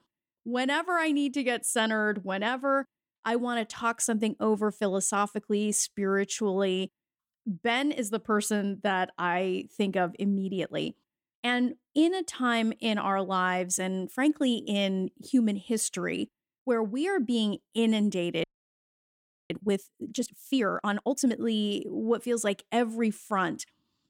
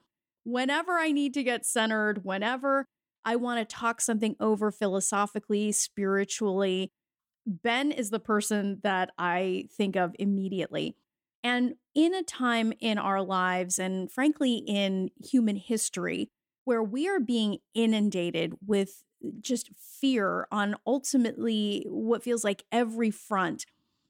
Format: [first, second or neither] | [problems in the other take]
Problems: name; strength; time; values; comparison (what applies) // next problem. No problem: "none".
second | audio freezing; at 18 s for 1 s